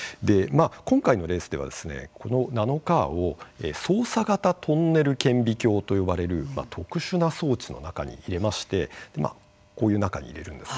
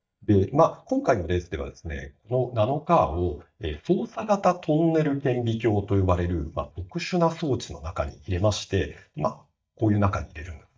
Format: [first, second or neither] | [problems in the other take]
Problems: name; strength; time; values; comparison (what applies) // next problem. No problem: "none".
first | noise reduction (neural mask model DeepFilterNet 3)